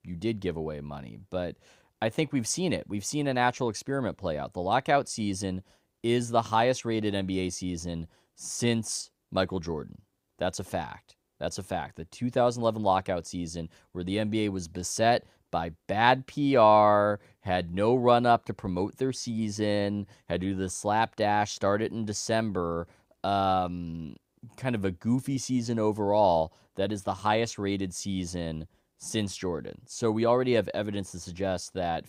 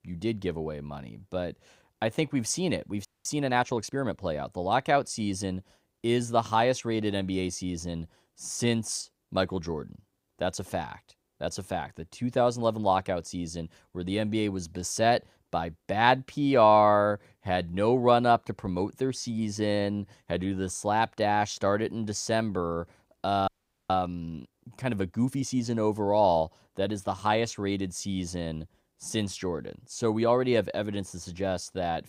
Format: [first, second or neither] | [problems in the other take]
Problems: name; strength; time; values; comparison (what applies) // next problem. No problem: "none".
first | audio freezing; at 3 s and at 23 s